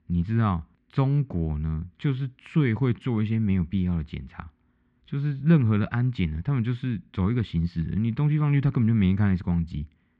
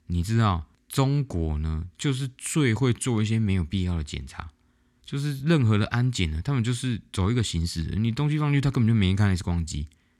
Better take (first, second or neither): second